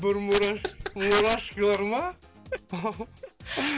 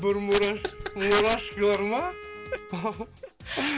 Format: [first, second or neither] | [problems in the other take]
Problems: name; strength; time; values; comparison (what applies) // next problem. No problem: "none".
first | background sound (Wind instrument, woodwind instrument); 17 dB below the speech